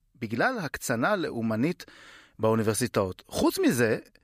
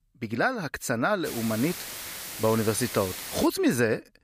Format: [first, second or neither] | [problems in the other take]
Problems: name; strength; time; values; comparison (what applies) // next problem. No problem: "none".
first | hiss; loud; from 1.5 to 3.5 s; 9 dB below the speech